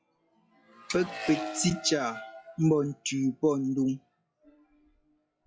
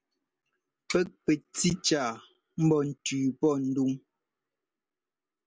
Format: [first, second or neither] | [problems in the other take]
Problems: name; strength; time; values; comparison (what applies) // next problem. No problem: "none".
second | noise reduction (classical method log-MMSE)